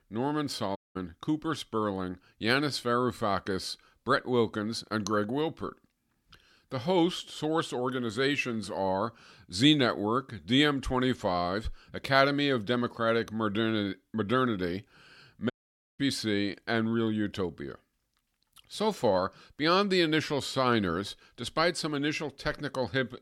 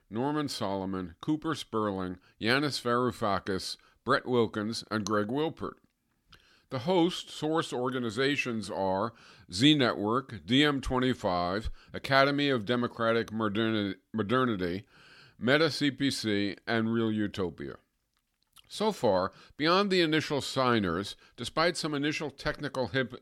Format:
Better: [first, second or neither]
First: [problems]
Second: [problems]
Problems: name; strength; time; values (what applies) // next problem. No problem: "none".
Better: second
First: audio cutting out; at 1 s and at 16 s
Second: none